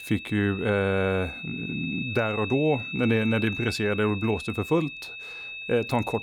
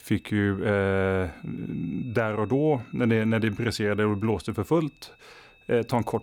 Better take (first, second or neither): second